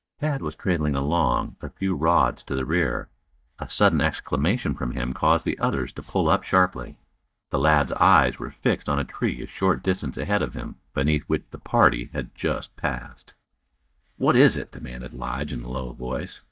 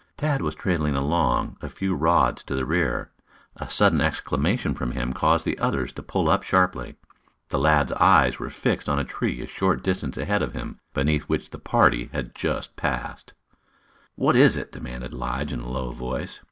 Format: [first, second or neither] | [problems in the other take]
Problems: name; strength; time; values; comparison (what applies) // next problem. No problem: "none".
second | noise reduction (neural mask model DeepFilterNet 3)